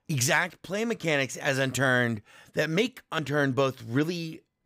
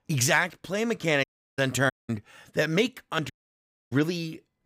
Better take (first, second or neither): first